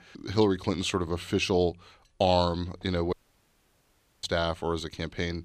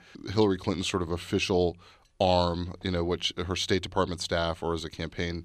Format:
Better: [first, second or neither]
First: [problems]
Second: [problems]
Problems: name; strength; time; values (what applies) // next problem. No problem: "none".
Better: second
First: audio cutting out; at 3 s for 1 s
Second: none